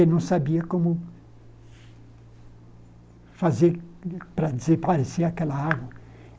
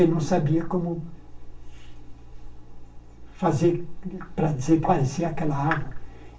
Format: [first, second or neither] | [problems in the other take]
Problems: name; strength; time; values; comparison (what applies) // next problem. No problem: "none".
first | room echo; dies away in 0.3 s